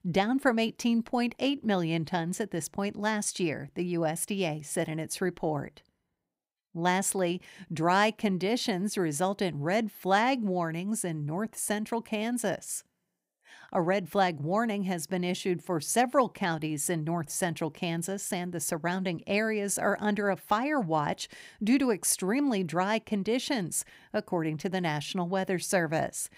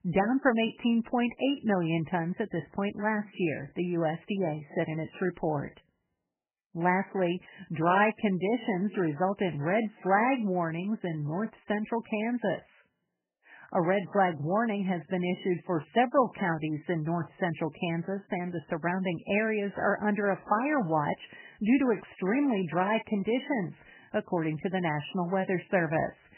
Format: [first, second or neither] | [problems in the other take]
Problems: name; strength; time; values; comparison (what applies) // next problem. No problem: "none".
first | garbled, watery; badly; nothing above 3 kHz